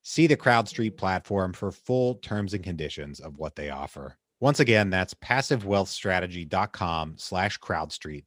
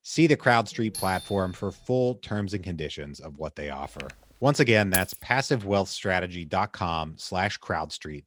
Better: first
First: none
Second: doorbell; noticeable; at 1 s; peak 9 dB below the speech // keyboard typing; faint; at 4 s; peak 15 dB below the speech // jangling keys; noticeable; at 5 s; peak 2 dB below the speech

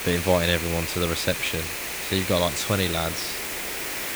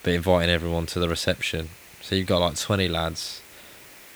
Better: second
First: hiss; loud; throughout; 3 dB below the speech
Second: hiss; faint; throughout; 20 dB below the speech

